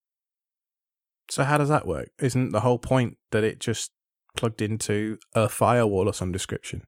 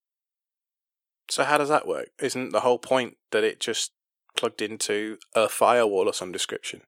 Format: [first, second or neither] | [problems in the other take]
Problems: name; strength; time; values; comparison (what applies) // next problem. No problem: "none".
first | thin; somewhat; fading below 450 Hz